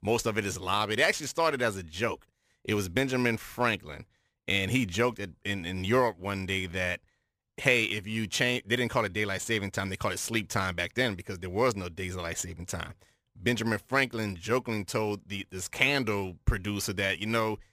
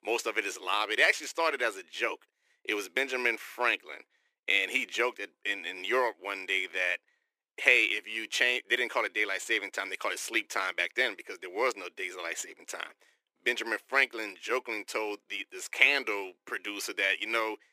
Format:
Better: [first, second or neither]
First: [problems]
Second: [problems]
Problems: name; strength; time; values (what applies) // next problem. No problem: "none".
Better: first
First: none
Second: thin; very; fading below 300 Hz